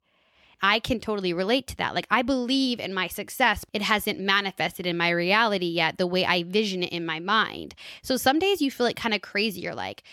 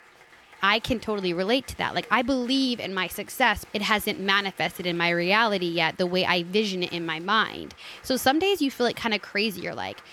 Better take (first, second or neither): first